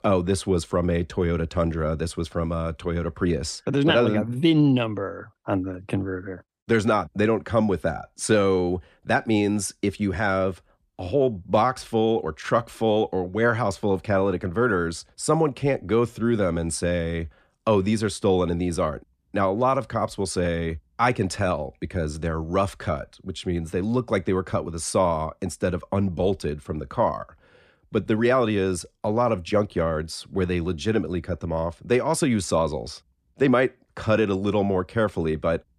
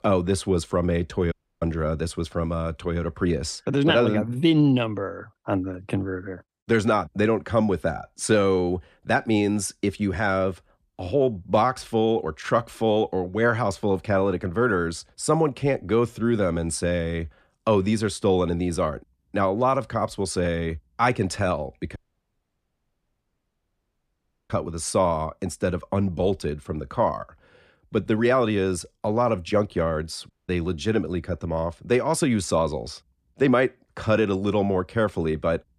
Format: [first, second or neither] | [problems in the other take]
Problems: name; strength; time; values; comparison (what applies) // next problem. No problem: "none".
first | audio cutting out; at 1.5 s, at 22 s for 2.5 s and at 30 s